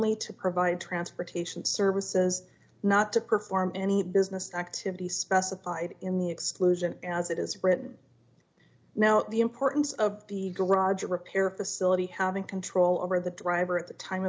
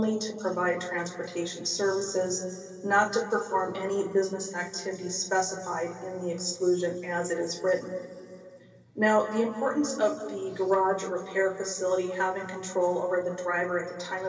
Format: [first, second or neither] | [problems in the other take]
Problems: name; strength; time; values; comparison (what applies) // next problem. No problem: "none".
first | room echo; dies away in 2.8 s